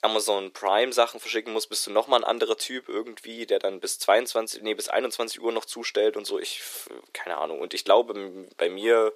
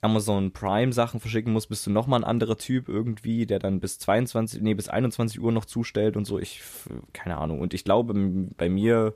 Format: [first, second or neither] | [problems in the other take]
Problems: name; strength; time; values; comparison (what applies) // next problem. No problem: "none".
second | thin; very; fading below 400 Hz